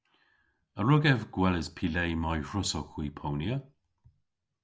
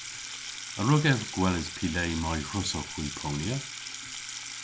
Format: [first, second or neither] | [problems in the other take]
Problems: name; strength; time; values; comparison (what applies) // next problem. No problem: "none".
first | background sound (Sink (filling or washing) / Water tap, faucet); 8 dB below the speech